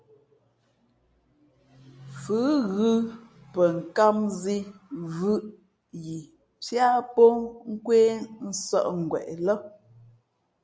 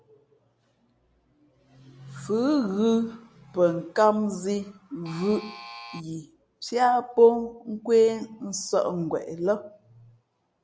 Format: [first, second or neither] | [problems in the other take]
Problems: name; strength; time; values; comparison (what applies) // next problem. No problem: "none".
first | background sound (Alarm); 16 dB below the speech